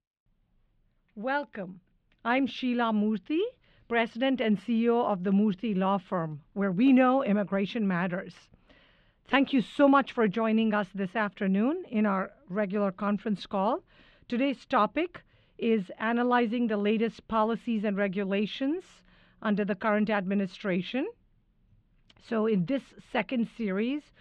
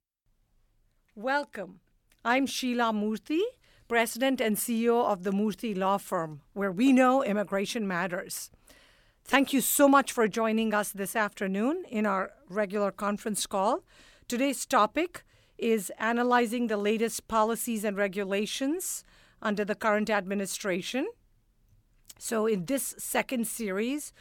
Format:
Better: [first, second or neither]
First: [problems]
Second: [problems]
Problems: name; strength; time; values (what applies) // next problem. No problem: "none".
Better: second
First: muffled; very; fading above 3.5 kHz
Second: none